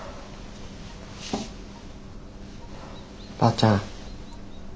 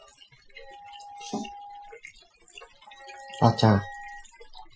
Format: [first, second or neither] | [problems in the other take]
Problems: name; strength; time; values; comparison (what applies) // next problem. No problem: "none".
first | noise reduction (classical method Wiener filter)